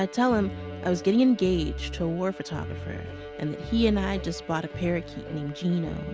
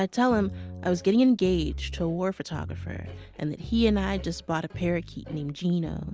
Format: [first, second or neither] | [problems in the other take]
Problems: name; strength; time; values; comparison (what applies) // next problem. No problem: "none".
second | background sound (Bowed string instrument); 15 dB below the speech